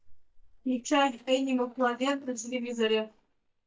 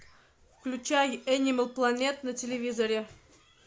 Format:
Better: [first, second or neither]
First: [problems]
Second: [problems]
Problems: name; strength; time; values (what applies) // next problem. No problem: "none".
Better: second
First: noise reduction (neural mask model DeepFilterNet 3)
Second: none